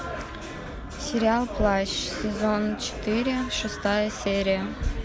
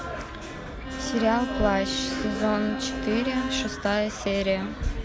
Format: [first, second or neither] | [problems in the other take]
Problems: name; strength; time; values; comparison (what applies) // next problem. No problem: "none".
first | background sound (Bowed string instrument); 6 dB below the speech